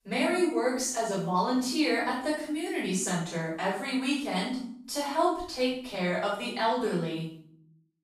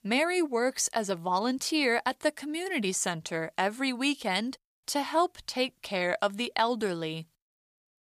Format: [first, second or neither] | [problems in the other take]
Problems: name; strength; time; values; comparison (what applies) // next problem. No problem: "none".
second | off-mic speech; far // room echo; noticeable; dies away in 0.6 s